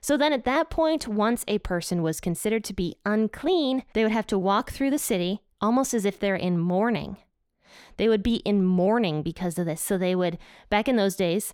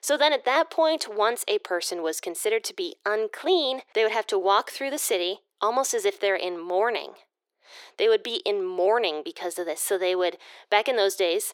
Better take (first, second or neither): first